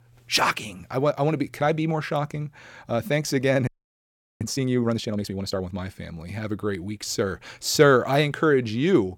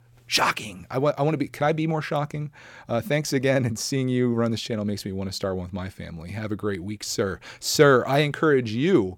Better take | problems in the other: second | audio freezing; at 3.5 s for 0.5 s

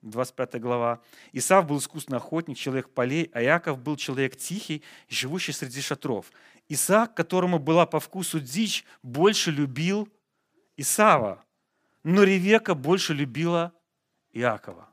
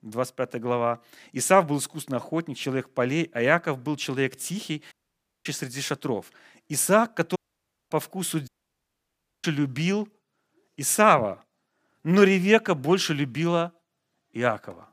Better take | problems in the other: first | audio cutting out; at 5 s for 0.5 s, at 7.5 s for 0.5 s and at 8.5 s for 1 s

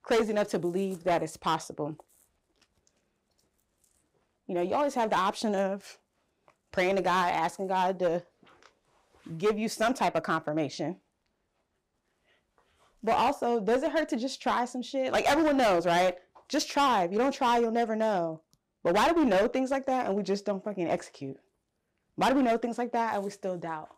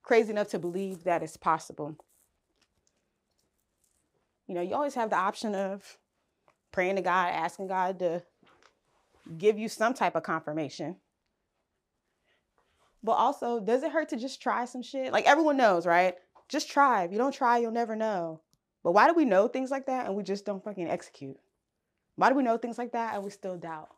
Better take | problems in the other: second | distortion; heavy; 7% of the sound clipped

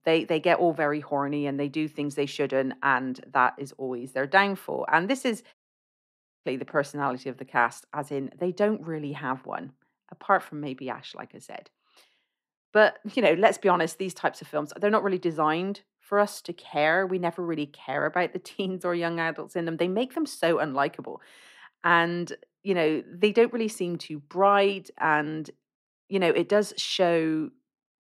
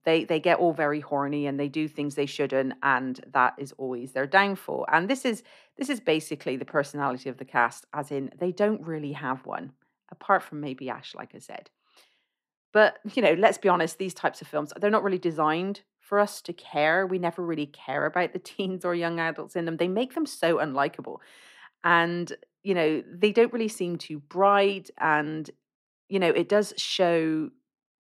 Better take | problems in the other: second | audio cutting out; at 5.5 s for 1 s

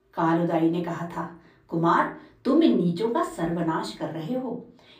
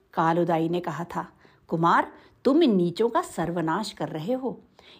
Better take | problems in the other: second | off-mic speech; far // room echo; very slight; dies away in 0.3 s

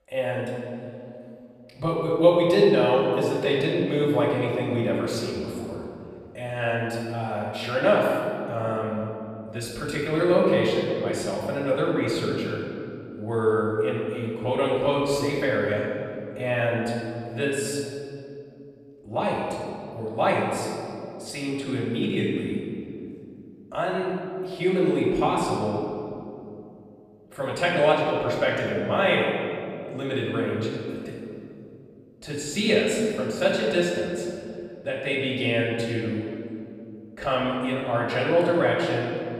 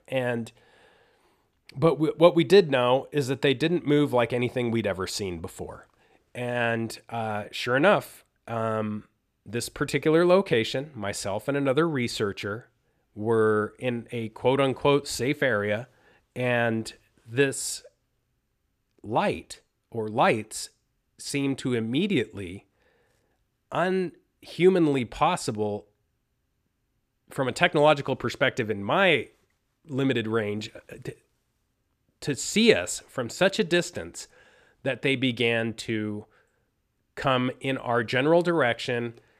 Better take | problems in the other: second | room echo; noticeable; dies away in 2.4 s // off-mic speech; far

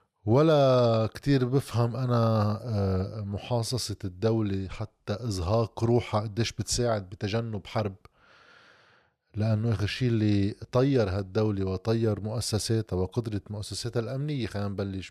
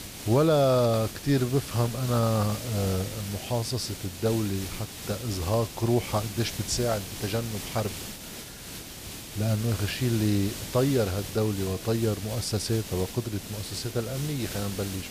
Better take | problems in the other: first | hiss; loud; throughout; 9 dB below the speech

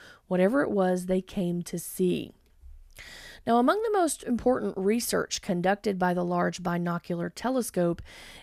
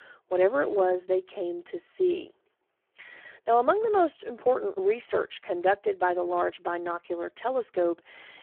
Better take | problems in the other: first | phone-call audio; poor line

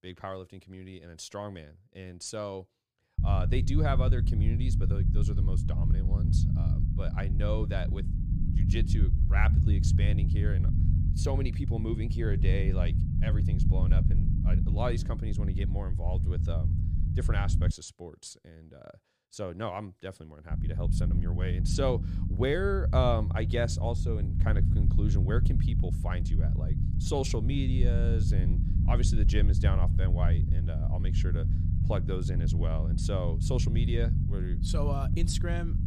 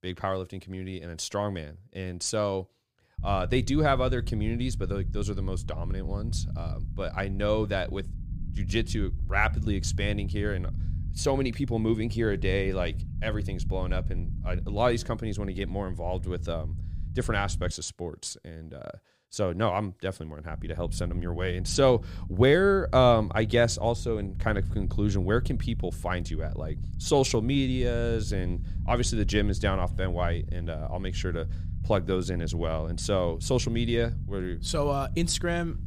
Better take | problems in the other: second | low rumble; loud; from 3 to 18 s and from 21 s on; 5 dB below the speech; faint in the second

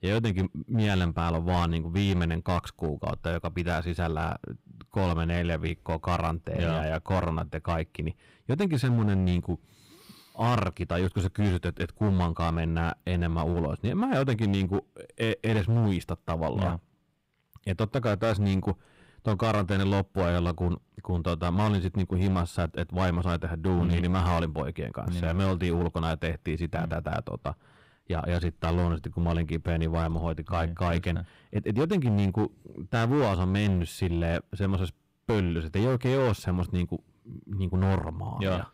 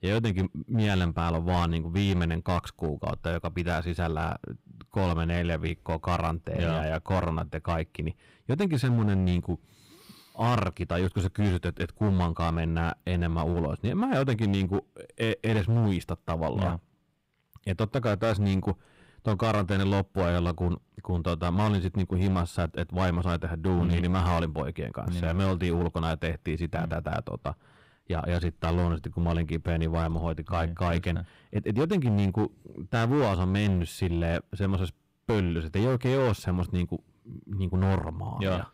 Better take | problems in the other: neither | distortion; slight; 9% of the sound clipped; the same in both

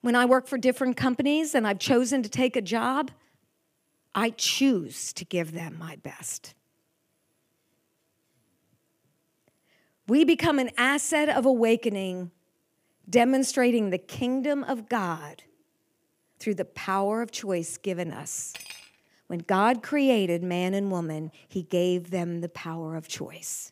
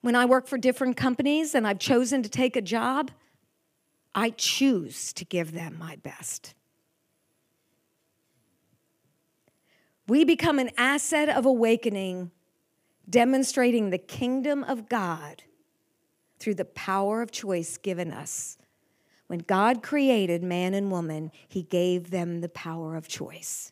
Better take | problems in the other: second | clattering dishes; faint; at 19 s; peak 15 dB below the speech

